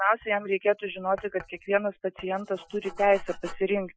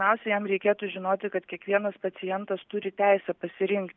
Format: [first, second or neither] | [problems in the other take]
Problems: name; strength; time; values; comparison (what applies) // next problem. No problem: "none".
second | noise reduction (classical method Wiener filter)